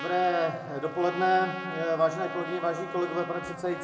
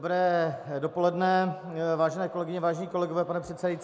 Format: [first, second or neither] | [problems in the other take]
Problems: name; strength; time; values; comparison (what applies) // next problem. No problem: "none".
second | background sound (Trumpet); 10 dB below the speech // room echo; dies away in 1 s